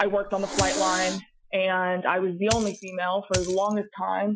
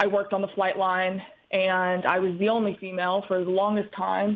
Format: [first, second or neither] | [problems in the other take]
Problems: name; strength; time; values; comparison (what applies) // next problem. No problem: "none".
second | noise reduction (classical method Wiener filter)